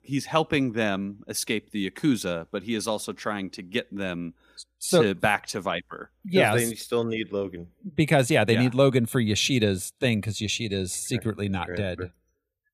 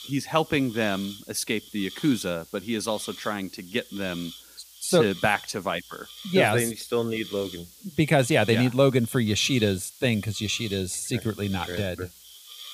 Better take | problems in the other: first | hiss; noticeable; throughout; 15 dB below the speech

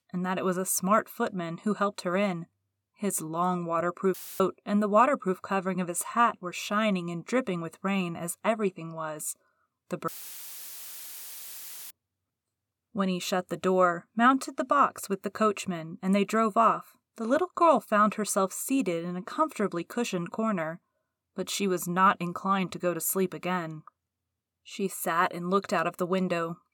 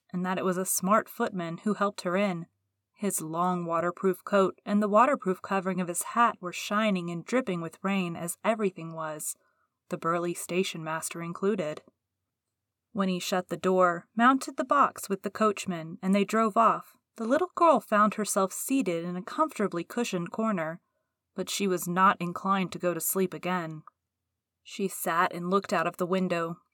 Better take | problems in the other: second | audio cutting out; filled with static; at 4 s and at 10 s for 2 s

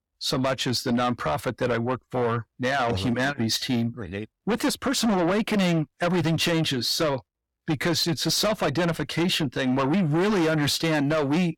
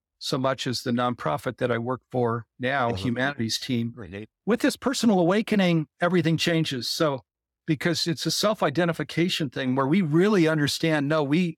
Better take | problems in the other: second | distortion; heavy; 8 dB below the speech

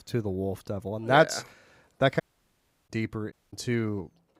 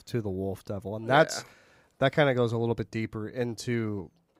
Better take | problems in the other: second | audio cutting out; at 2 s for 0.5 s and at 3.5 s

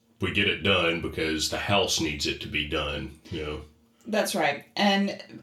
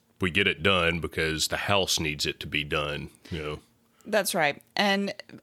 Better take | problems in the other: second | room echo; very slight; dies away in 0.3 s // off-mic speech; far

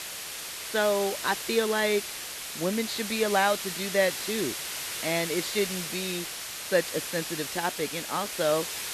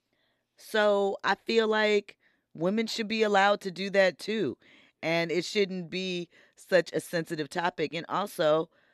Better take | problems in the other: second | hiss; loud; throughout; 4 dB below the speech

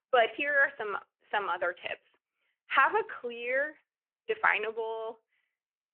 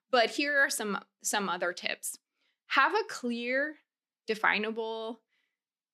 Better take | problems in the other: second | phone-call audio

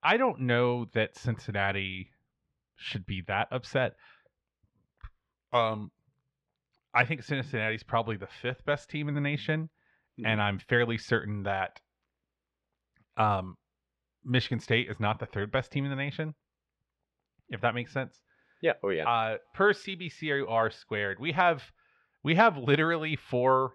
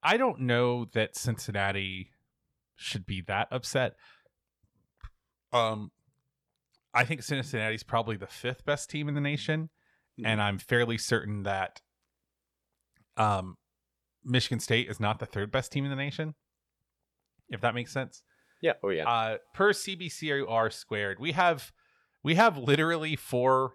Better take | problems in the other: second | muffled; slightly; fading above 3 kHz

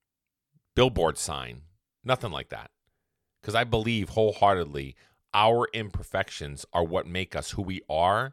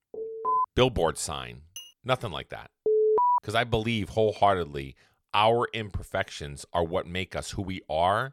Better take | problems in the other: first | alarm; loud; at the start and at 3 s; peak 5 dB above the speech // clattering dishes; faint; at 2 s; peak 15 dB below the speech

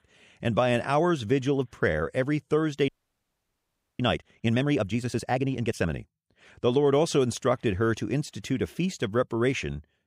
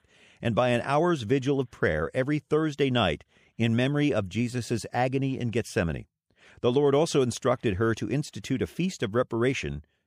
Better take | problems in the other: second | audio freezing; at 3 s for 1 s

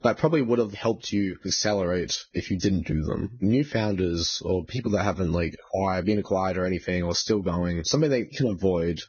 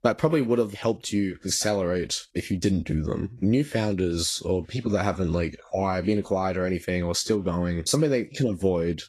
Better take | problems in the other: second | garbled, watery; badly; nothing above 6.5 kHz; slightly in the second

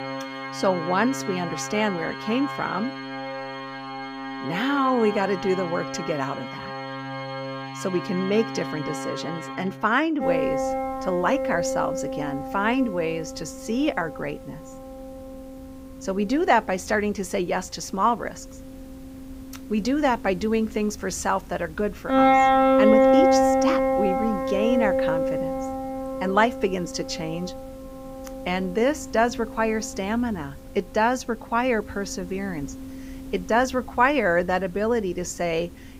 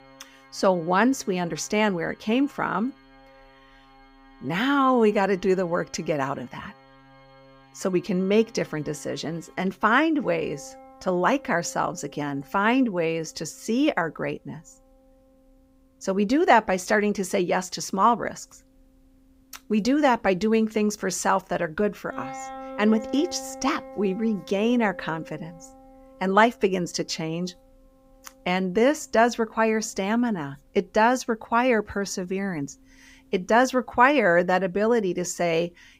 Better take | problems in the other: second | background music; loud; throughout; 1 dB below the speech; faint in the second

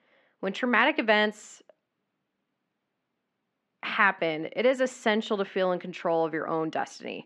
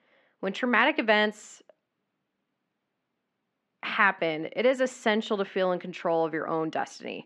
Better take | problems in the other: neither | muffled; slightly; fading above 2.5 kHz; the same in both

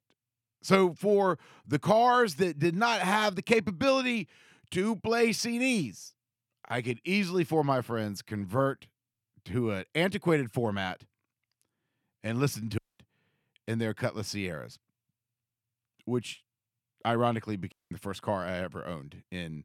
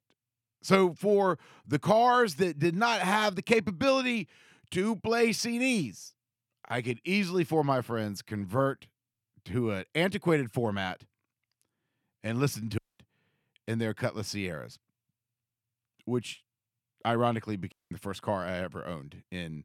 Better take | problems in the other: neither | audio cutting out; at 13 s and at 18 s; the same in both

